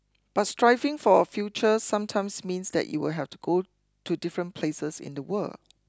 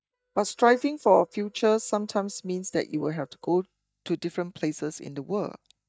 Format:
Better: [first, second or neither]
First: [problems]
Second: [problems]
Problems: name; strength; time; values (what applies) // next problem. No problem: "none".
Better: first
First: none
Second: noise reduction (neural mask model DeepFilterNet 3)